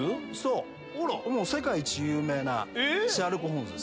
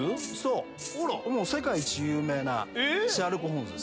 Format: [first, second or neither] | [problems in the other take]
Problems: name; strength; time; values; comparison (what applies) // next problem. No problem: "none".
first | background sound (Rattle (instrument)); 13 dB below the speech